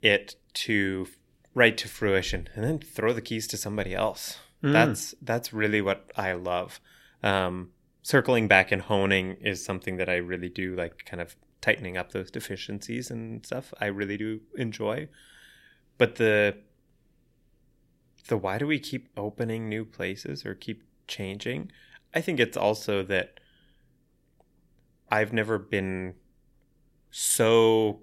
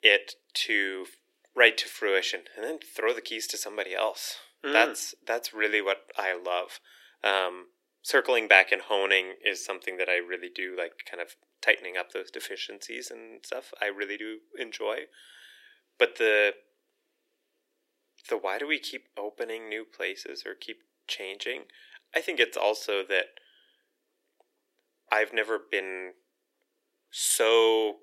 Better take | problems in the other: first | thin; very; fading below 350 Hz

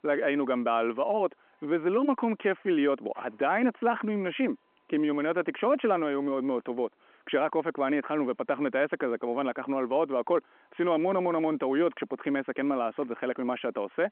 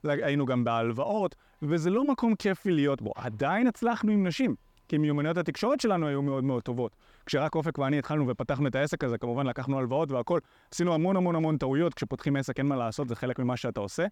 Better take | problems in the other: second | phone-call audio

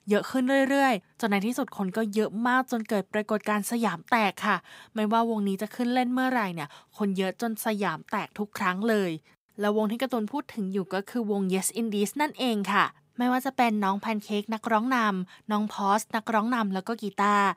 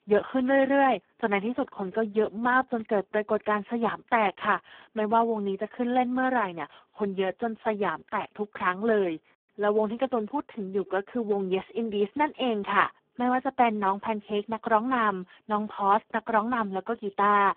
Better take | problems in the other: first | phone-call audio; poor line

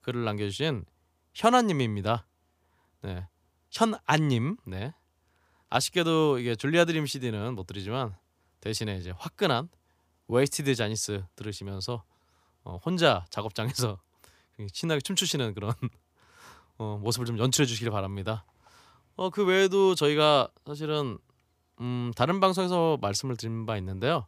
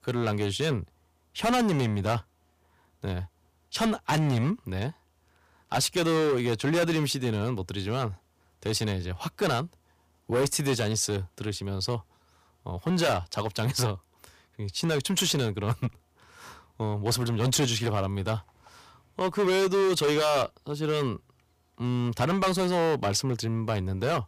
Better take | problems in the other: first | distortion; heavy; 10% of the sound clipped

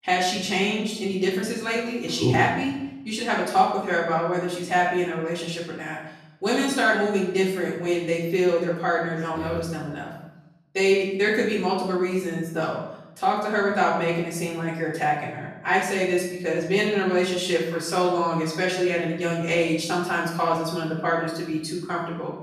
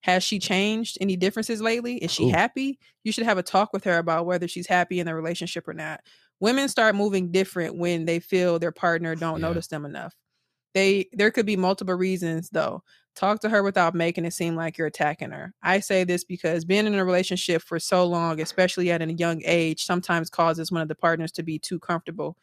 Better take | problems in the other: second | off-mic speech; far // room echo; noticeable; dies away in 0.8 s

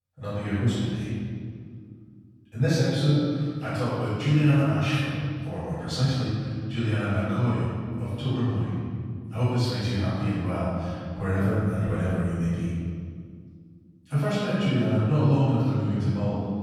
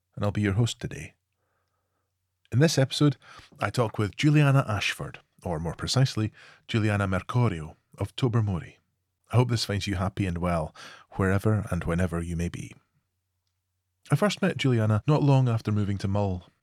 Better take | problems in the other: second | room echo; strong; dies away in 2.3 s // off-mic speech; far

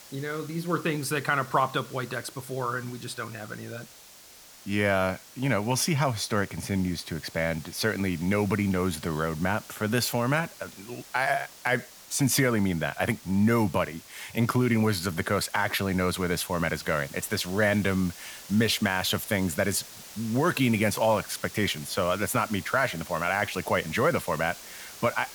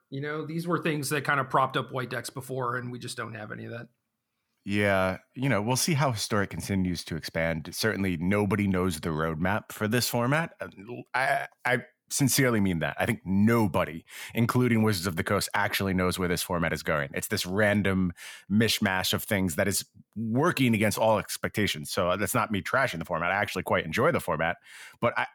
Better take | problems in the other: second | hiss; noticeable; throughout; 15 dB below the speech

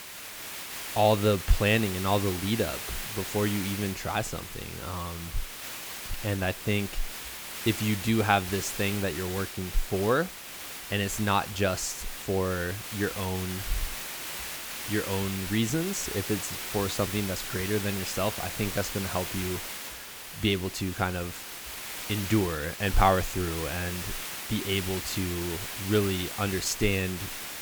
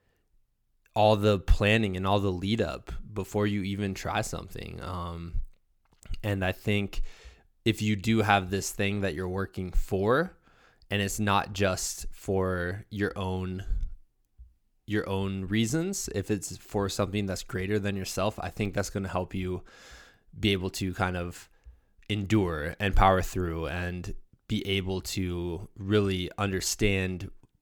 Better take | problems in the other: second | hiss; loud; throughout; 6 dB below the speech

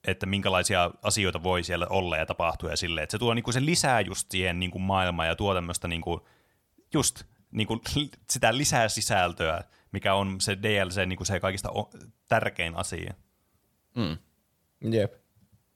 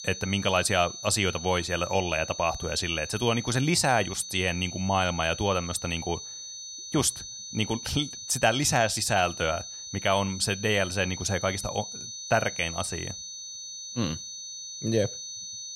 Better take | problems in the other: first | high-pitched whine; loud; throughout; 6 kHz, 10 dB below the speech

